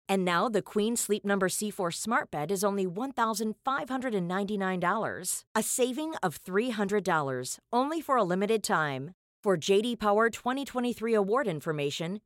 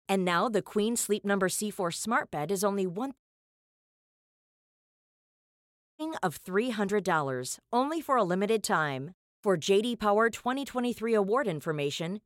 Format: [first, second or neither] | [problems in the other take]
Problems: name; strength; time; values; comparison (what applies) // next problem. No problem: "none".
first | audio cutting out; at 3 s for 3 s